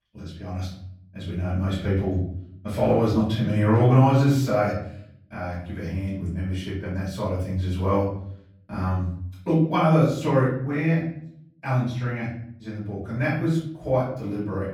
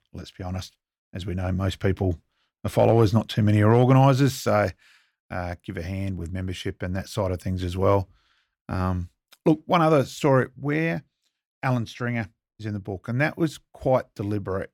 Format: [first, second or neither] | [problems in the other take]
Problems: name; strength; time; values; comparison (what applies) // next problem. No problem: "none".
second | off-mic speech; far // room echo; noticeable; dies away in 0.7 s